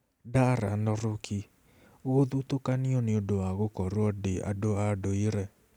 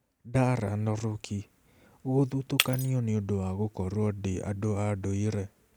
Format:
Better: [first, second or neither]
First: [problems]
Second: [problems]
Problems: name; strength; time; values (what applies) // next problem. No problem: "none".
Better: first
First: none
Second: background sound (Shatter); 9 dB below the speech